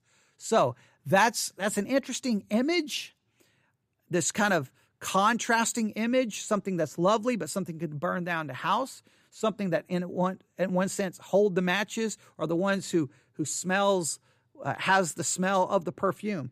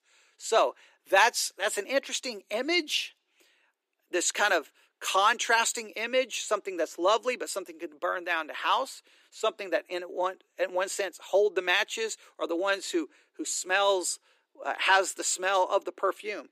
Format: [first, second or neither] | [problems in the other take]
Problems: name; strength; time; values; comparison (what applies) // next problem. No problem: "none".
first | thin; very; fading below 350 Hz